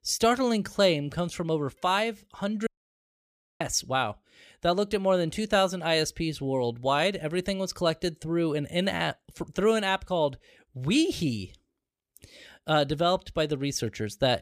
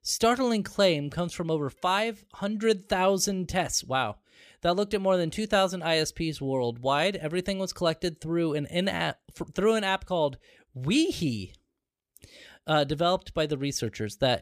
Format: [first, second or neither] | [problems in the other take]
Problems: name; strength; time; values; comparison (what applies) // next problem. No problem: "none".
second | audio cutting out; at 2.5 s for 1 s